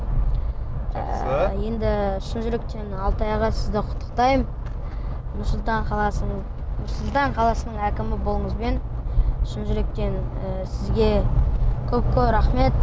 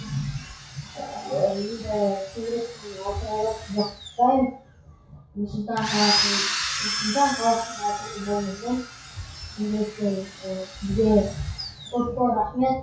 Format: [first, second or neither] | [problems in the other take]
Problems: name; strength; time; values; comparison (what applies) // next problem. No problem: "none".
first | noise reduction (classical method WPE with log-MMSE)